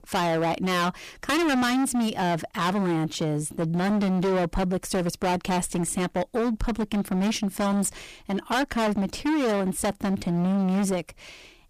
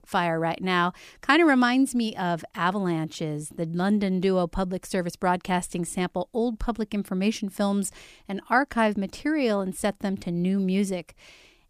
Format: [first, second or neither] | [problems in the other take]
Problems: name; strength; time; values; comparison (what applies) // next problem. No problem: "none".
second | distortion; heavy; 27% of the sound clipped